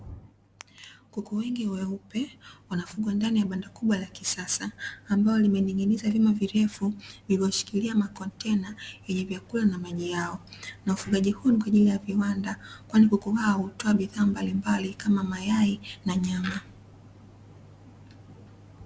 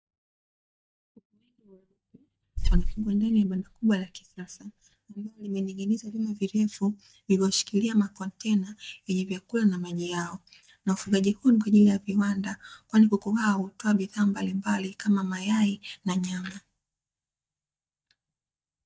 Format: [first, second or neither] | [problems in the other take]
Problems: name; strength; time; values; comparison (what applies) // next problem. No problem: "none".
first | noise reduction (neural mask model DeepFilterNet 3)